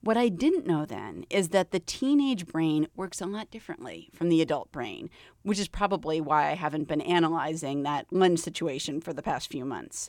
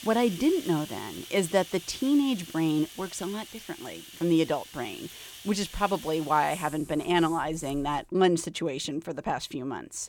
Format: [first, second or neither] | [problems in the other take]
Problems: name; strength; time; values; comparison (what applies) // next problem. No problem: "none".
first | household noises; noticeable; until 8 s; 15 dB below the speech